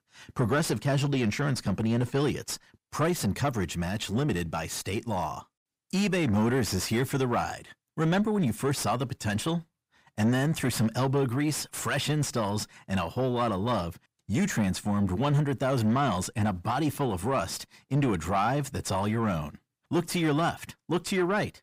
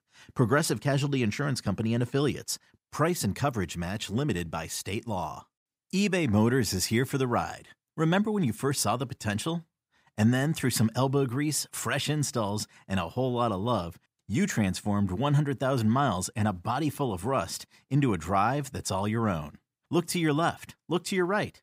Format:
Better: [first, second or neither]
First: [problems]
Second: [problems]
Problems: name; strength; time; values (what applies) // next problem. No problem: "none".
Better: second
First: distortion; slight; 10 dB below the speech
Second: none